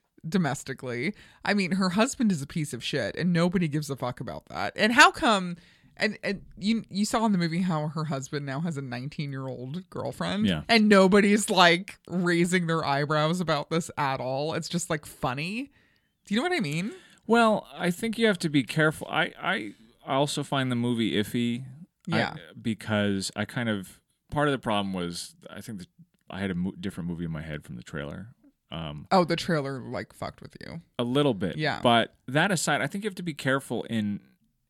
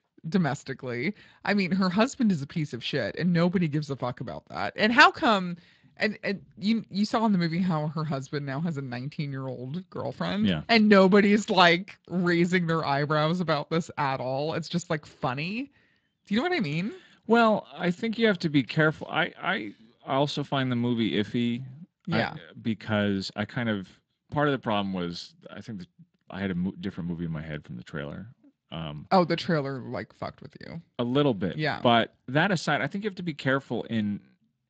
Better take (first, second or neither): first